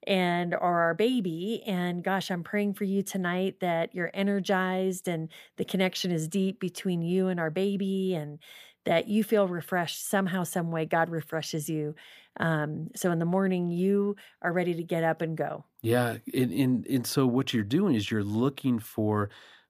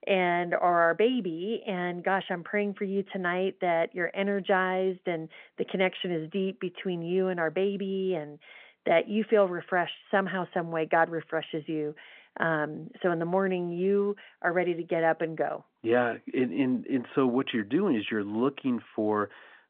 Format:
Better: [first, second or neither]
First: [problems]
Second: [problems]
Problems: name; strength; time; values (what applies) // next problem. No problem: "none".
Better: first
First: none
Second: phone-call audio